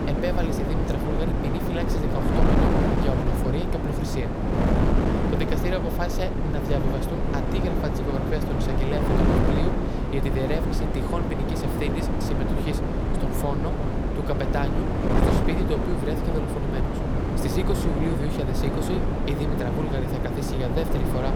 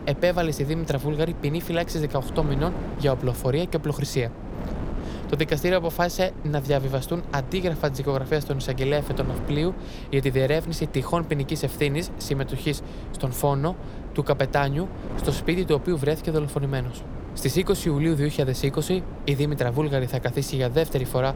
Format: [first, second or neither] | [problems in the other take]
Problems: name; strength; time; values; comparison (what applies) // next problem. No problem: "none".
second | wind noise on the microphone; heavy; 3 dB above the speech; occasional gusts in the second